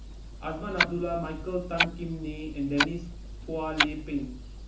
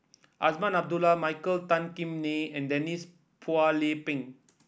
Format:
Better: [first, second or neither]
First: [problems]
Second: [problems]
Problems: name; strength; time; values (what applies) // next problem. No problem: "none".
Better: second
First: background sound (Clock); as loud as the speech // room echo; dies away in 0.9 s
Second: none